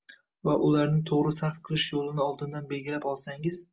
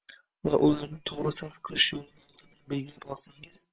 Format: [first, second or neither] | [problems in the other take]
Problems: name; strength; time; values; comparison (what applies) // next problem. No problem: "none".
first | noise reduction (neural separator model SepFormer WHAM!)